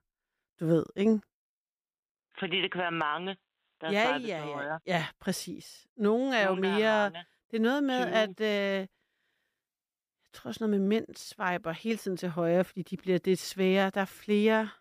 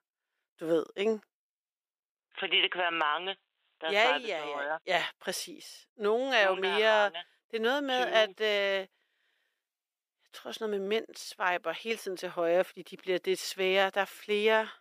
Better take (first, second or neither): first